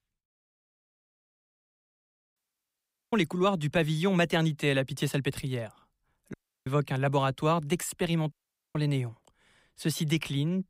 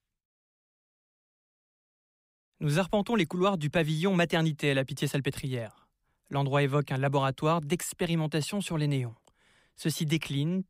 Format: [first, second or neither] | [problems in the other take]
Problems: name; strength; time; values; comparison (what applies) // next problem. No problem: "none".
second | audio cutting out; at 2.5 s for 1 s, at 6.5 s and at 8.5 s